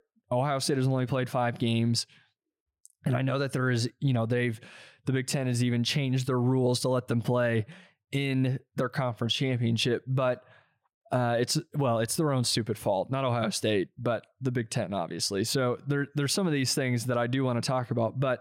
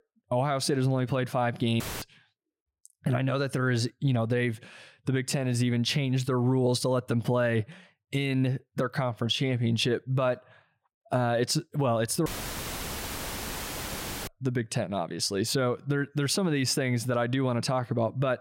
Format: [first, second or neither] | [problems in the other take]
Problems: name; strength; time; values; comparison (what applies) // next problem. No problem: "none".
first | audio cutting out; filled with static; at 2 s and at 12 s for 2 s